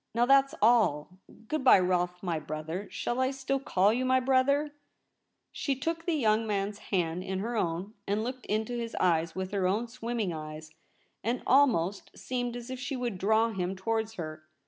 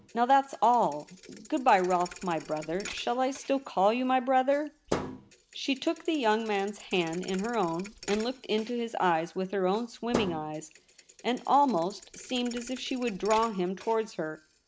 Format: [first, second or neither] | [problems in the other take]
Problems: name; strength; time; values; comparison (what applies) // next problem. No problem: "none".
first | background sound (Thump, thud); 15 dB below the speech